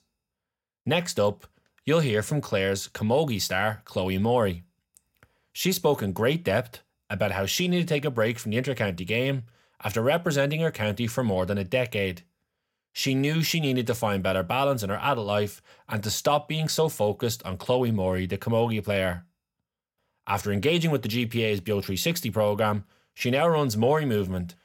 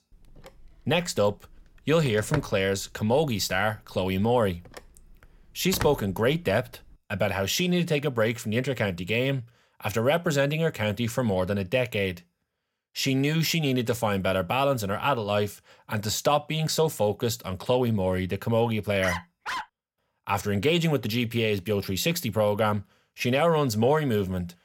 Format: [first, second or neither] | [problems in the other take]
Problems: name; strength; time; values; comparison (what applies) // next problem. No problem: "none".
first | phone ringing; noticeable; from 2 to 6 s; peak 8 dB below the speech // dog barking; noticeable; at 19 s; peak 6 dB below the speech